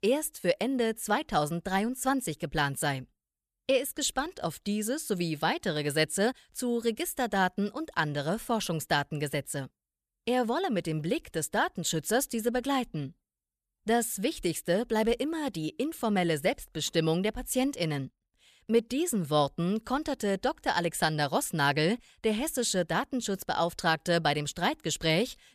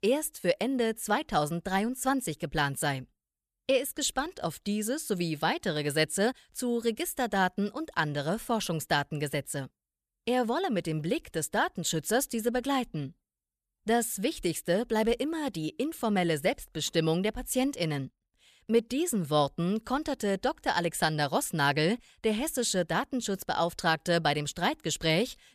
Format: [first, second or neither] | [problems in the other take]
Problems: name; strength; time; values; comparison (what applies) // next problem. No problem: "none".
neither | none